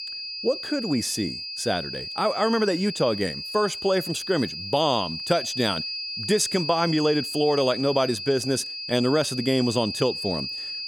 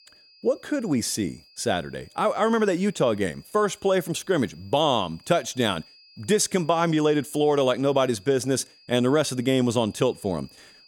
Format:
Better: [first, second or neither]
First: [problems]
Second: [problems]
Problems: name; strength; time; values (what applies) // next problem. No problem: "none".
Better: second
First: high-pitched whine; loud; throughout; 5 kHz, 6 dB below the speech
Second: high-pitched whine; faint; throughout; 5 kHz, 25 dB below the speech